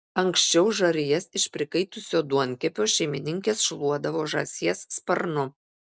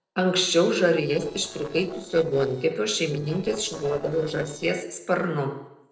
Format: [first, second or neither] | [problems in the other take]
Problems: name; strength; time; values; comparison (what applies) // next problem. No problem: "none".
first | noise reduction (neural separator model SepFormer DNS4)